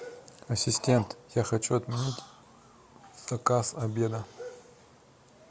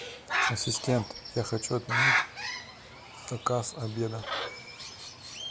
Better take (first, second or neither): first